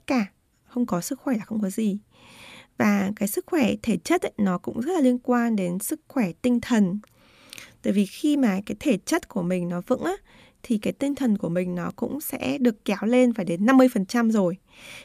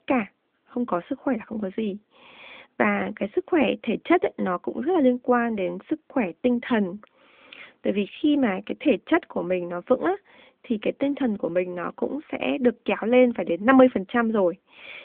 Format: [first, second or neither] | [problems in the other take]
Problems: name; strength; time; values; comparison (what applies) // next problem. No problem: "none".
first | phone-call audio